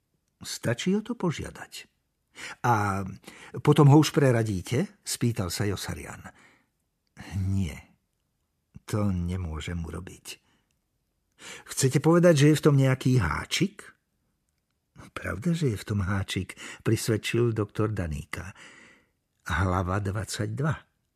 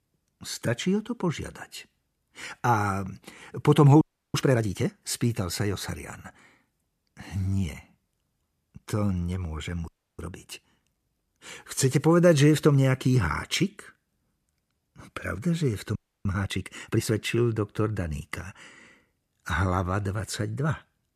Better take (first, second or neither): first